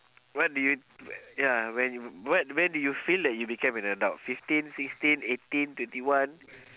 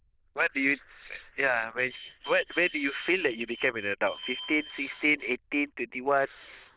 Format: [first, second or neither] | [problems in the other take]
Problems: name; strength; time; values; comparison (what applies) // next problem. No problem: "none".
first | noise reduction (neural diffusion model UNIVERSE++)